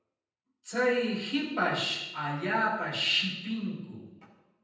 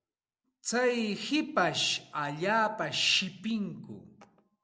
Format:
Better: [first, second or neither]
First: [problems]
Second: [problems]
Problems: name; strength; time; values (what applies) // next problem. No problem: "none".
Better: second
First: room echo; dies away in 0.9 s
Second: none